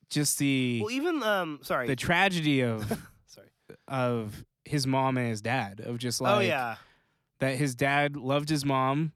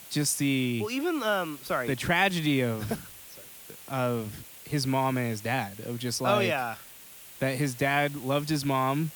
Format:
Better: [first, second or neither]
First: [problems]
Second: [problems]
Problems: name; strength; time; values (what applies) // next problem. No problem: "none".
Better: first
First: none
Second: hiss; noticeable; throughout; 15 dB below the speech